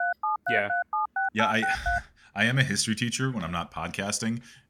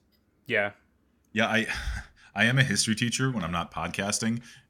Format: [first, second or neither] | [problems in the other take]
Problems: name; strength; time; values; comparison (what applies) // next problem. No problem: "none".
second | phone ringing; loud; until 2 s; peak level with the speech